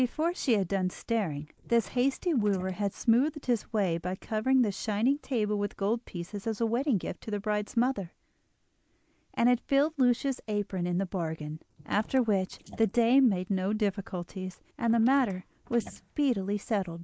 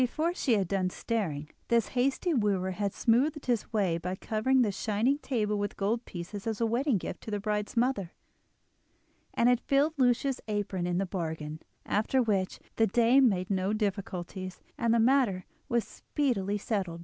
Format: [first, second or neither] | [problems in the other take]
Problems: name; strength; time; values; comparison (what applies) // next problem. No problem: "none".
second | noise reduction (neural mask model Resemble Enhance denoiser)